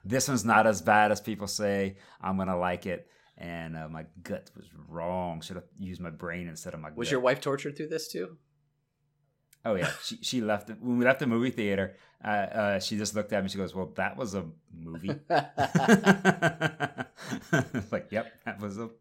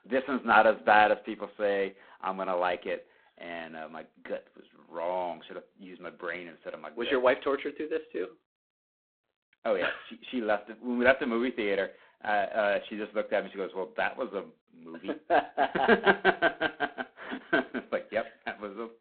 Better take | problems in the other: first | phone-call audio; poor line; nothing above 4 kHz

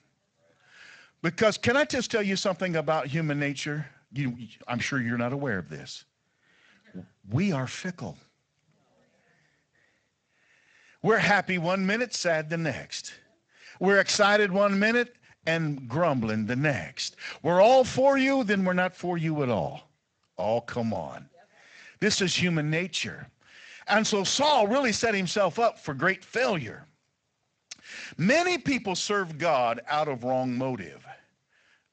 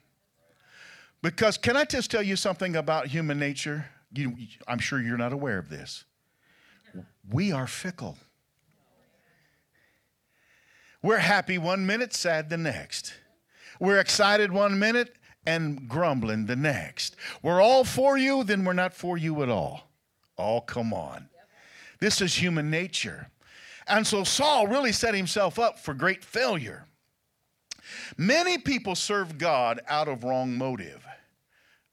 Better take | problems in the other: second | garbled, watery; slightly; nothing above 7.5 kHz

